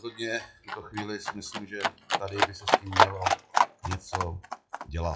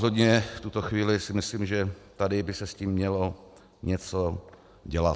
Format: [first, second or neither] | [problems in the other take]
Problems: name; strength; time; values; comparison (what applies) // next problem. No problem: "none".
second | noise reduction (classical method WPE with log-MMSE)